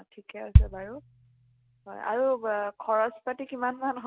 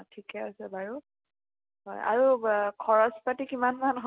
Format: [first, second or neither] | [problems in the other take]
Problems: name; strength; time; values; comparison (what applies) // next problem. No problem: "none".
second | background sound (Bass drum); 4 dB above the speech